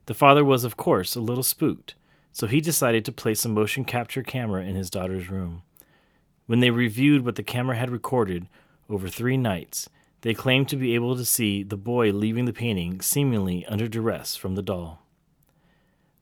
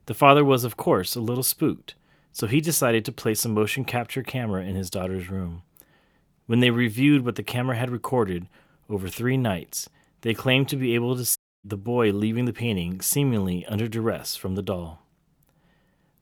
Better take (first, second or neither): first